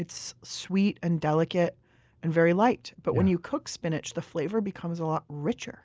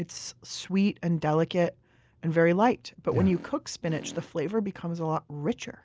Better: first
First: none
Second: background sound (Fart); 16 dB below the speech

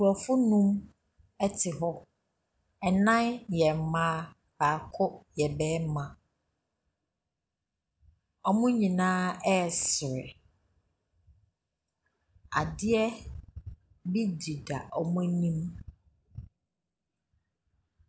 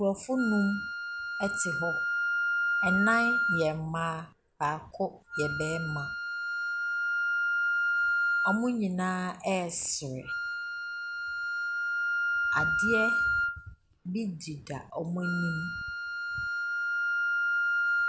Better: first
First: none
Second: background sound (Wind instrument, woodwind instrument); 3 dB above the speech

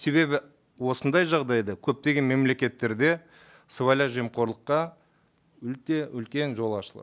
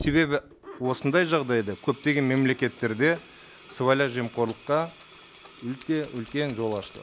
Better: first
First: none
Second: background sound (Sink (filling or washing)); 19 dB below the speech

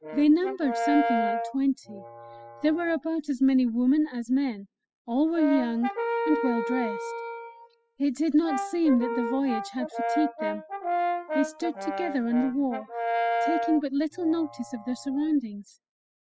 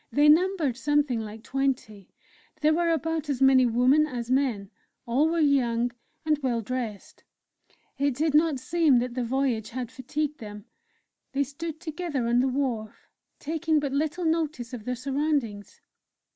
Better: second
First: noise reduction (classical method spectral subtraction)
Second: none

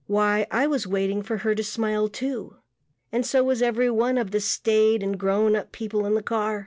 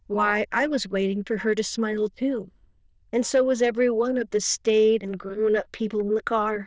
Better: first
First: none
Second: noise reduction (neural diffusion model UNIVERSE++)

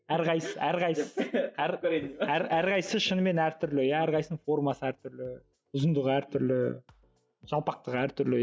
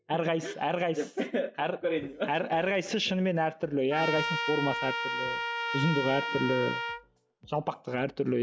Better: first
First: none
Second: background sound (Trumpet); 3 dB below the speech

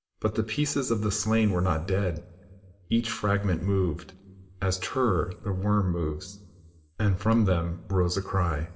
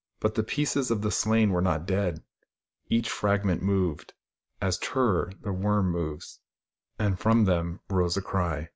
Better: second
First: room echo; dies away in 2.2 s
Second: none

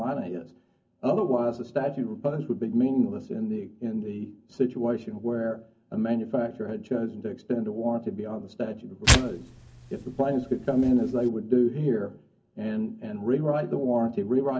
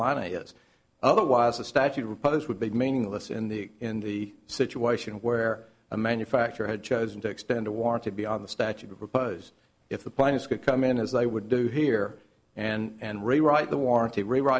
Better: second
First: background sound (Tearing); as loud as the speech // room echo; dies away in 0.3 s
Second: none

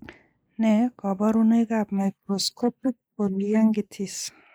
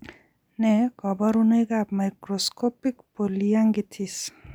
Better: second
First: noise reduction (neural mask model Resemble Enhance denoiser)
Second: none

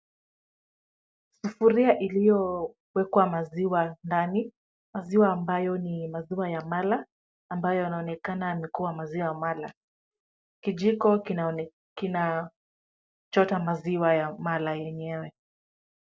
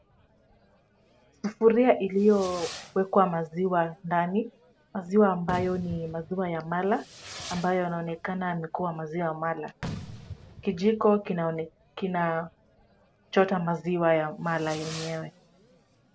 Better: first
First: none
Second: background sound (Fireworks); 18 dB below the speech

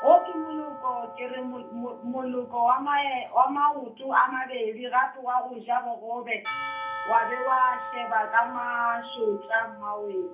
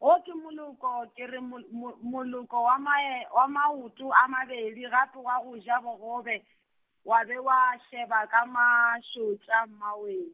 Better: second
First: background sound (Church bell / Percussion); 12 dB below the speech // room echo; dies away in 0.3 s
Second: none

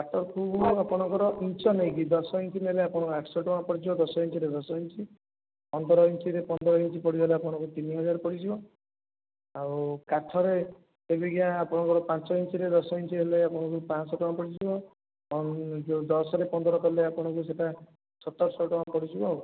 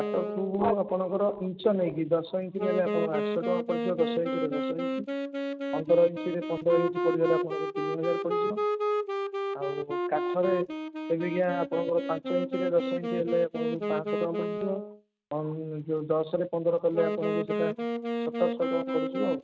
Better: first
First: none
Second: noise reduction (neural mask model RNNoise)

